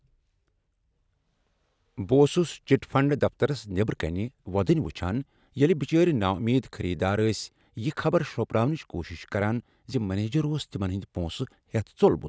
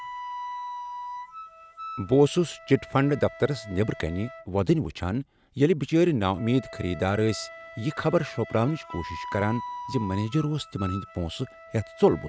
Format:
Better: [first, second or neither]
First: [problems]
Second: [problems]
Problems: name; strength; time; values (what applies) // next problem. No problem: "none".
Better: first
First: none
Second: background sound (Wind instrument, woodwind instrument); 14 dB below the speech